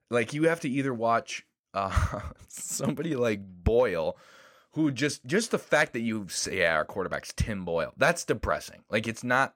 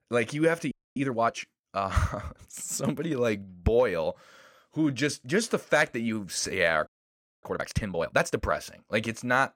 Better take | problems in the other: first | audio freezing; at 0.5 s and at 7 s for 0.5 s

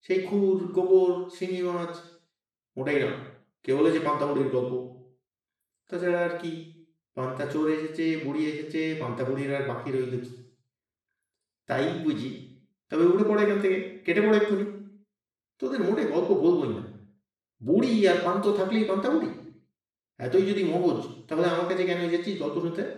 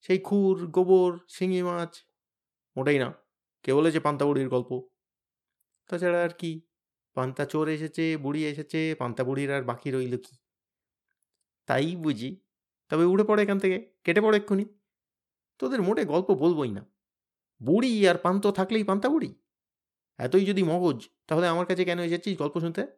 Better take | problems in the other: second | room echo; noticeable; dies away in 0.7 s // off-mic speech; far

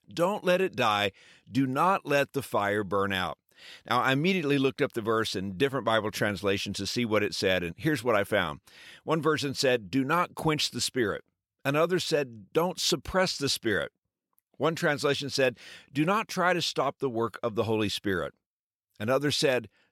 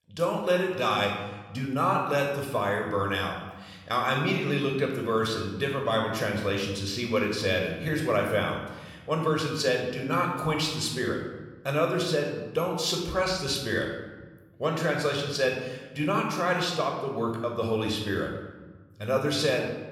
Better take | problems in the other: first | room echo; noticeable; dies away in 1 s // off-mic speech; somewhat distant

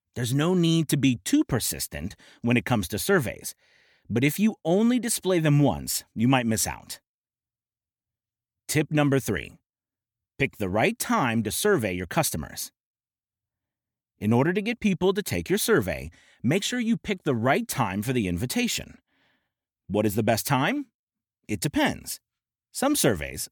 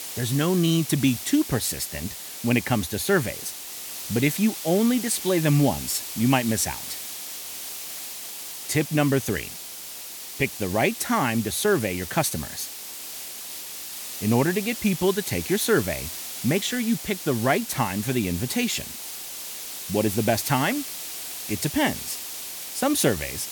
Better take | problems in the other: first | hiss; loud; throughout; 8 dB below the speech

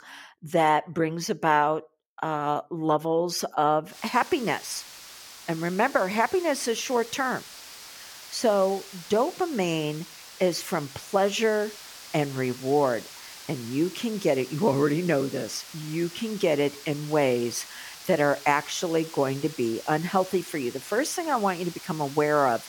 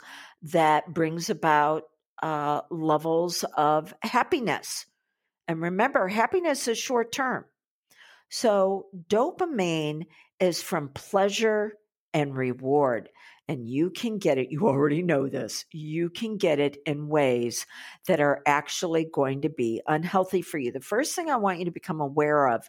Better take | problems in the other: second | hiss; noticeable; from 4 s on; 15 dB below the speech

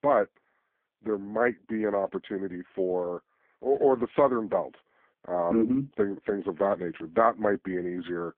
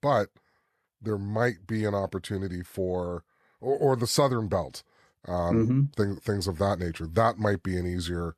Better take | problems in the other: second | phone-call audio; poor line

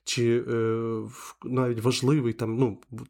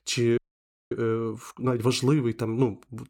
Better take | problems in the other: first | audio freezing; at 0.5 s for 0.5 s

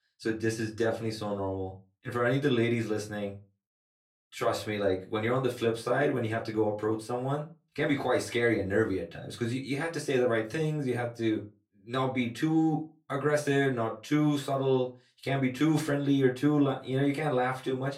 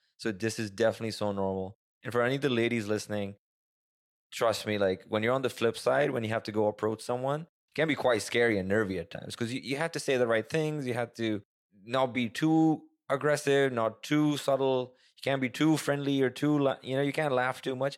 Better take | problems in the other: second | off-mic speech; far // room echo; very slight; dies away in 0.2 s

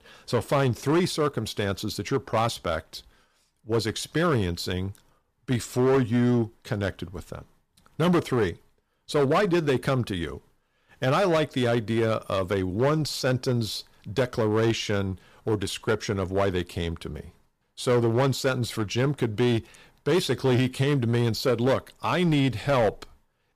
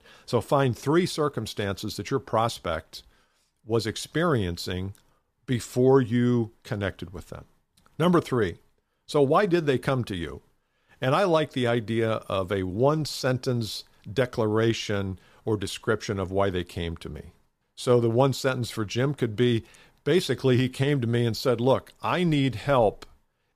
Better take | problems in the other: second | distortion; slight; 6% of the sound clipped

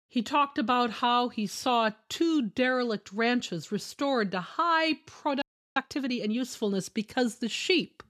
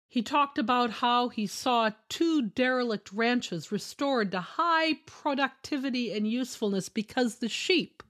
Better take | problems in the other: second | audio freezing; at 5.5 s

